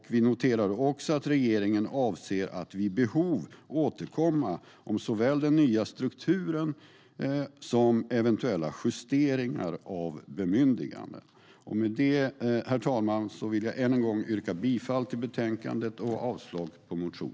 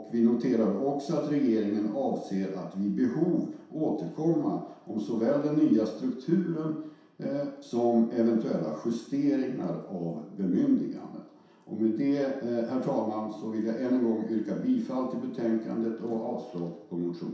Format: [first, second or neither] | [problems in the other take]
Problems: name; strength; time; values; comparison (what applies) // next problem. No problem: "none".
first | room echo; dies away in 0.7 s